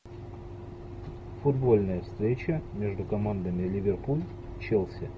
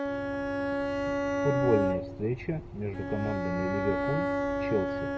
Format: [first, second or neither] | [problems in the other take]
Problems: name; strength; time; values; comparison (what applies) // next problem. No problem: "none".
first | background sound (Bowed string instrument); 2 dB above the speech